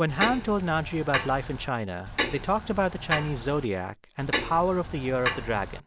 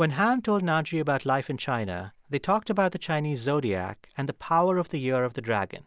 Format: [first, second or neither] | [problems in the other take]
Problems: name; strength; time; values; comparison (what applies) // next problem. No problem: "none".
second | background sound (Clock); 5 dB below the speech